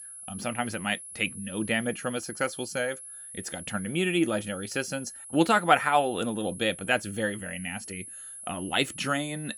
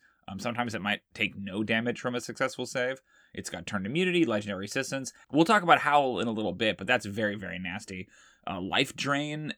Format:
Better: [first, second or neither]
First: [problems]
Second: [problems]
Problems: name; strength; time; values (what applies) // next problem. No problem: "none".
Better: second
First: high-pitched whine; noticeable; throughout; 10.5 kHz, 10 dB below the speech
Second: none